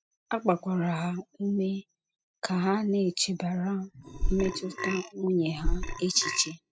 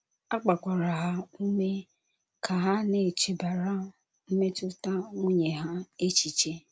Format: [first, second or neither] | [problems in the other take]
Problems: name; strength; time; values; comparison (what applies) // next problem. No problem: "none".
second | noise reduction (classical method spectral subtraction)